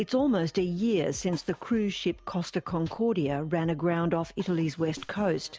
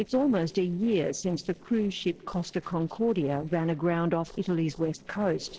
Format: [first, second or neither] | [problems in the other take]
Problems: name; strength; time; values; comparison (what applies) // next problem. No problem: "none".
first | noise reduction (neural separator model SepFormer DNS4)